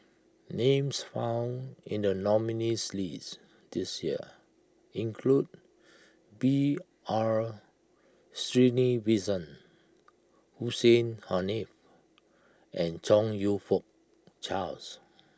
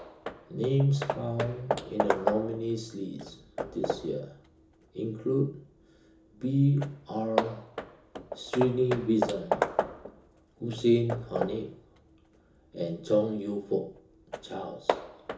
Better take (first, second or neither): first